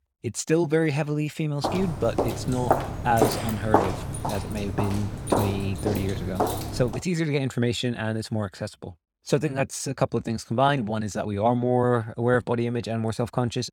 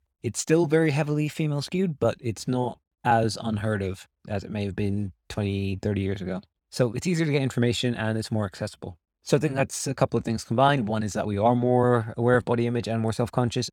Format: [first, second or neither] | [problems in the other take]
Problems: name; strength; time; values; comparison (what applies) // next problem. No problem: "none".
second | footsteps; loud; from 1.5 to 7 s; peak 3 dB above the speech